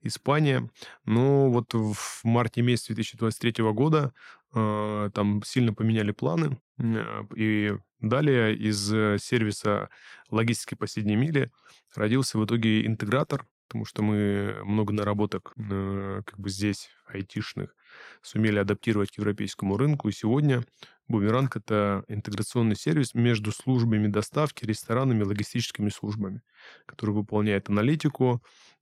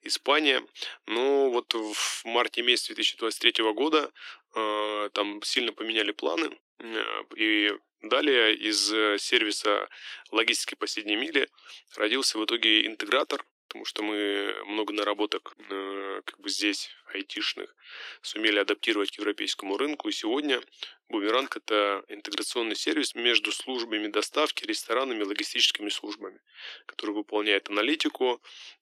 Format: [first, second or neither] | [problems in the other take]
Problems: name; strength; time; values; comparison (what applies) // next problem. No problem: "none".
first | thin; very; fading below 300 Hz